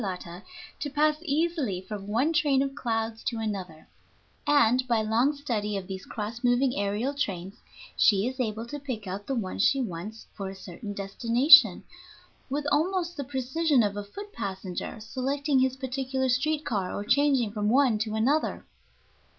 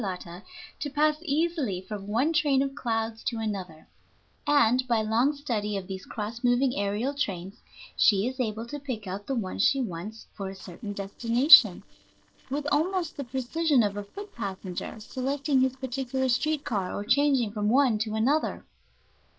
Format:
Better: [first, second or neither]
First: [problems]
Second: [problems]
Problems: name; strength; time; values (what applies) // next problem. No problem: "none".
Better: first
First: none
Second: noise reduction (neural separator model SepFormer DNS4)